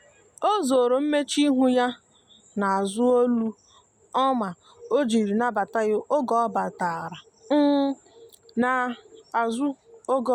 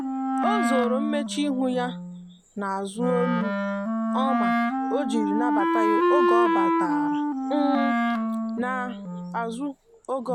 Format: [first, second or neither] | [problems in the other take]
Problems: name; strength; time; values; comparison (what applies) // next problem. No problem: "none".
first | background sound (Wind instrument, woodwind instrument); 4 dB above the speech